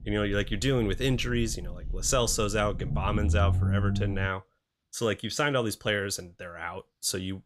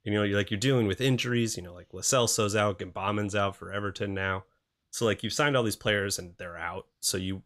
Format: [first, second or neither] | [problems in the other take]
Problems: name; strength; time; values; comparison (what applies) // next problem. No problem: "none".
second | low rumble; noticeable; until 4.5 s; 15 dB below the speech